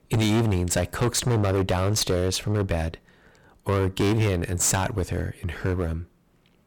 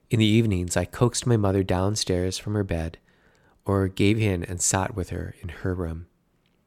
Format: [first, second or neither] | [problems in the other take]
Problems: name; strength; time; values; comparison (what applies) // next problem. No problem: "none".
second | distortion; heavy; 17% of the sound clipped